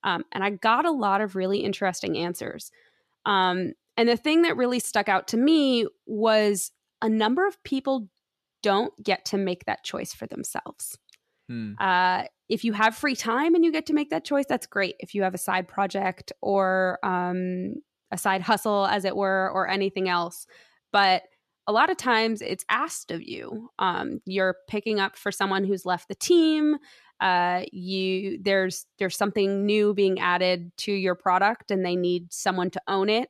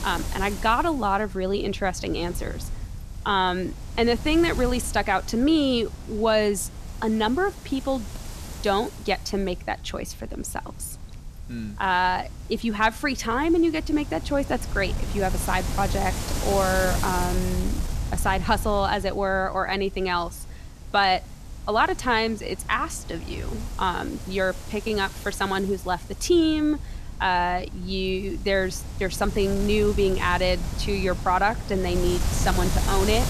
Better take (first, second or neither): first